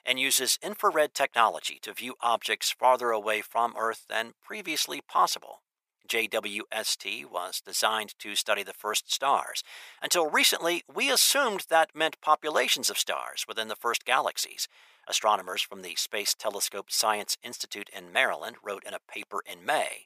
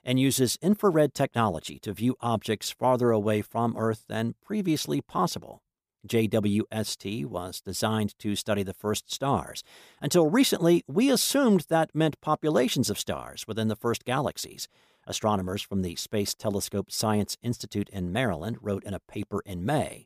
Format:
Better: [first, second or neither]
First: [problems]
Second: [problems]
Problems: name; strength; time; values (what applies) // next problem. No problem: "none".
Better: second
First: thin; very; fading below 900 Hz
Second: none